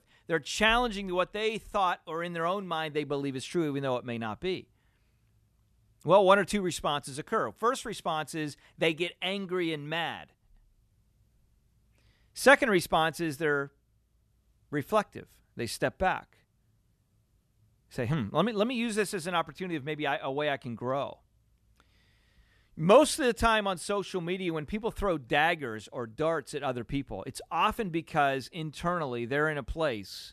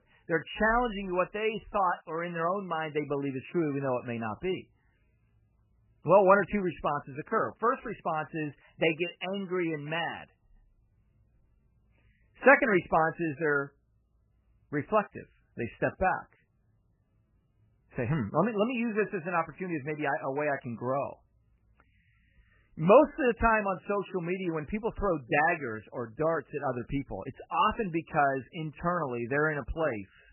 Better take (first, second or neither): first